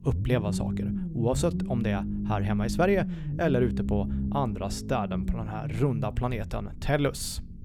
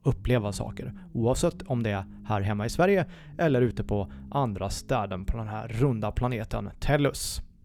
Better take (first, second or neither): second